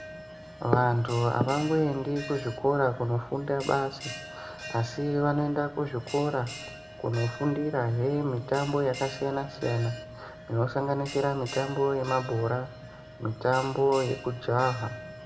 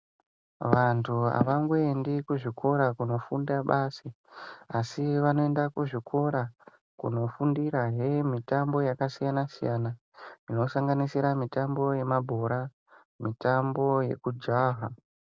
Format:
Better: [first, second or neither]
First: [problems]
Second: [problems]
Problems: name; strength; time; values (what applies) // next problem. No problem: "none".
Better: second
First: background sound (Bell); 14 dB below the speech // room echo; dies away in 0.9 s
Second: none